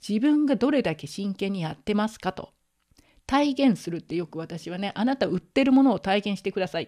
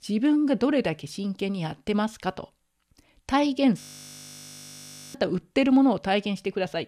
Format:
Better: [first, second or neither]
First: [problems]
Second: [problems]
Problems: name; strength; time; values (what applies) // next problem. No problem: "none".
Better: first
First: none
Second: audio freezing; at 4 s for 1.5 s